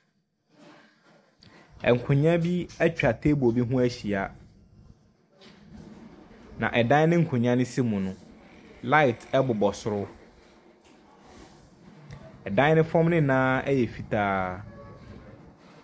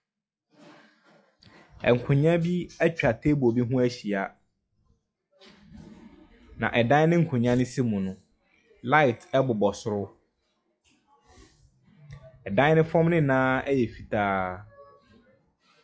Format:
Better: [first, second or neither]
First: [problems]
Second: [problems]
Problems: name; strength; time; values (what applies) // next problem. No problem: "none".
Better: first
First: none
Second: noise reduction (classical method log-MMSE)